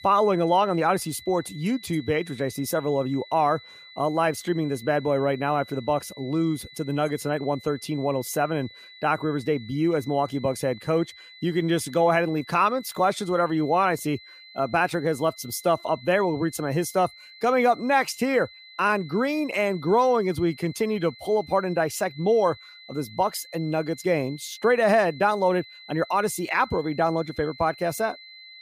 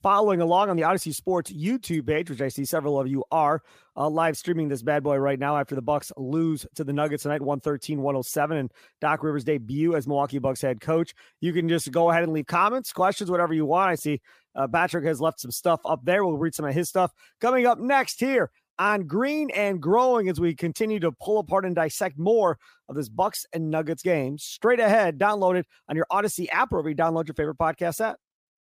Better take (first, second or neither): second